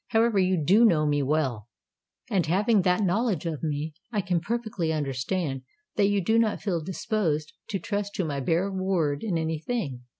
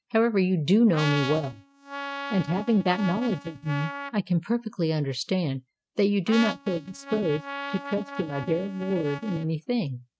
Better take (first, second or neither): first